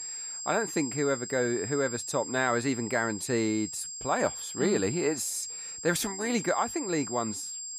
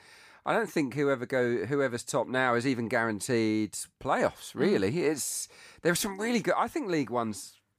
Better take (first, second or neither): second